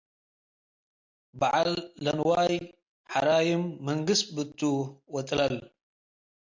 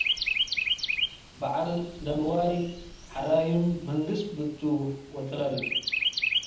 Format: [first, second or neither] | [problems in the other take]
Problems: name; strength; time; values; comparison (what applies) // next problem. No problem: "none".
first | background sound (Chirp, tweet); 2 dB below the speech // room echo; dies away in 0.8 s